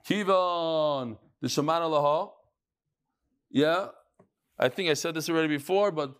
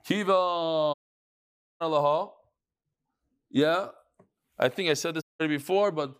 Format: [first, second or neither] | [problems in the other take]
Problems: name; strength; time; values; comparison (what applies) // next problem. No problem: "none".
first | audio cutting out; at 1 s for 1 s and at 5 s